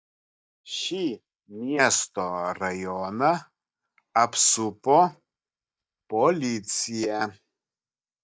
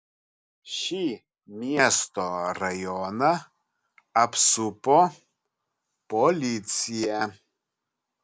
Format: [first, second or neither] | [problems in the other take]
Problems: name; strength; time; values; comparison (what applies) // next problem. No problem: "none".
second | noise reduction (neural mask model DeepFilterNet 3)